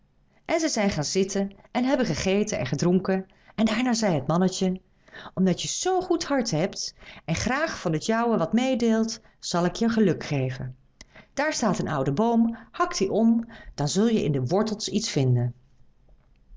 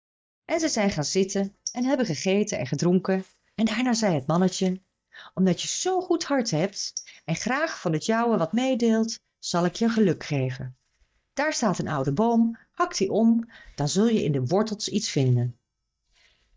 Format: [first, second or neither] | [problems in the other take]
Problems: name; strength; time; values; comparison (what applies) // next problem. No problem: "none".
first | noise reduction (neural mask model DeepFilterNet 3)